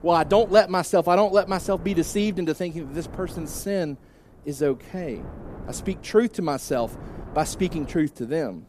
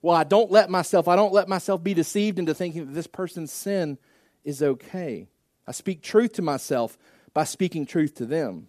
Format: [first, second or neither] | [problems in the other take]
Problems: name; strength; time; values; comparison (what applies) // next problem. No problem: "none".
second | wind noise on the microphone; occasional gusts; 20 dB below the speech